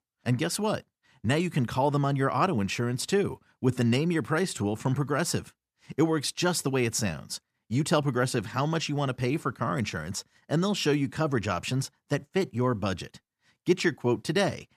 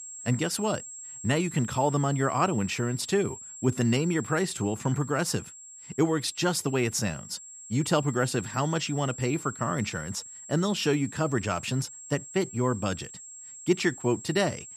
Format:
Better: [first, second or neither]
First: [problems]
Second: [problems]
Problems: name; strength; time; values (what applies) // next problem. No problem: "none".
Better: first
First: none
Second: high-pitched whine; noticeable; throughout; 7.5 kHz, 15 dB below the speech